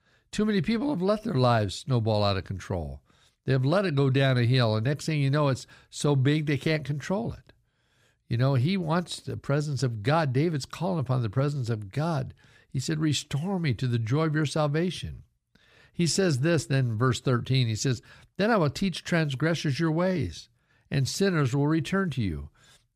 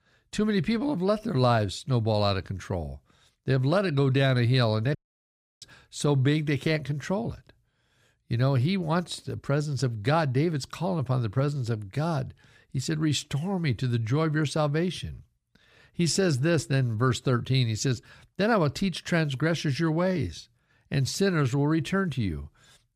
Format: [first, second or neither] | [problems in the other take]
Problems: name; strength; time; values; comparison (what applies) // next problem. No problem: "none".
first | audio cutting out; at 5 s for 0.5 s